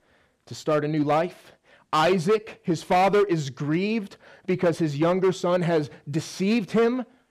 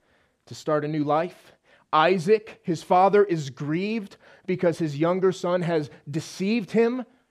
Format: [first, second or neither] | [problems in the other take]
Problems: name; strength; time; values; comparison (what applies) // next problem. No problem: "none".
second | distortion; slight; 7% of the sound clipped